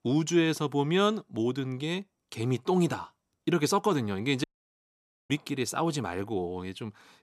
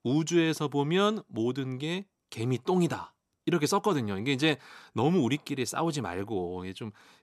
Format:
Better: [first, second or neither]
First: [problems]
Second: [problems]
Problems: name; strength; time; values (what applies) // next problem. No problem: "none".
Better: second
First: audio cutting out; at 4.5 s for 1 s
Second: none